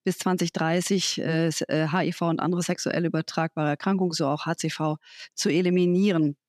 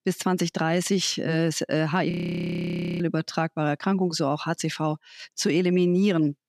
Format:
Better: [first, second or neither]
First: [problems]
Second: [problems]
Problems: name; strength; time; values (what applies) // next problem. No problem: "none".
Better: first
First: none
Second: audio freezing; at 2 s for 1 s